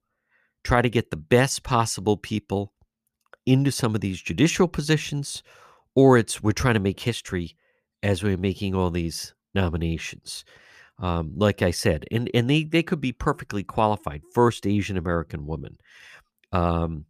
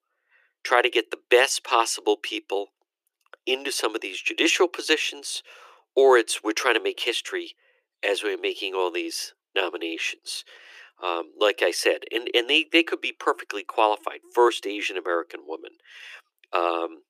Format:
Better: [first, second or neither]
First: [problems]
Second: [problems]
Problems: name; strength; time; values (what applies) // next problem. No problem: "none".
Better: first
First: none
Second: thin; very; fading below 350 Hz